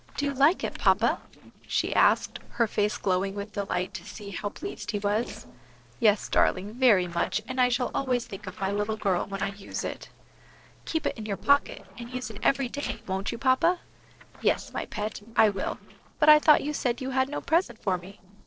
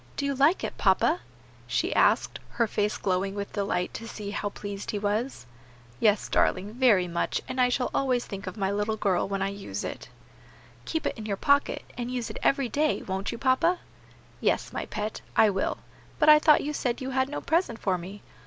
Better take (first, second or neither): second